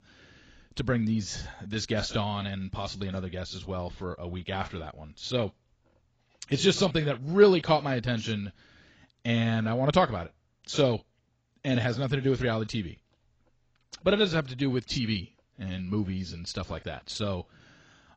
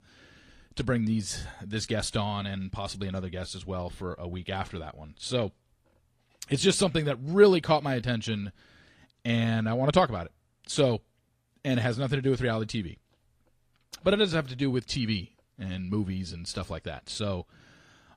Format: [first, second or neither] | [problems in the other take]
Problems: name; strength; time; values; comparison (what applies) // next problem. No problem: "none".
second | garbled, watery; badly; nothing above 7.5 kHz; slightly in the second